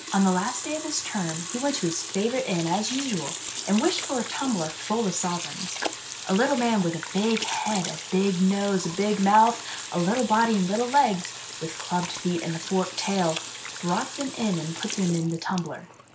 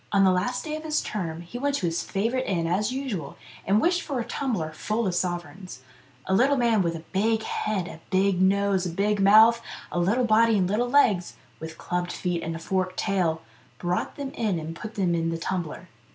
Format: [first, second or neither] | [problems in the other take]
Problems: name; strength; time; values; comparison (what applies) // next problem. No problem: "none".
second | background sound (Sink (filling or washing) / Water tap, faucet); 9 dB below the speech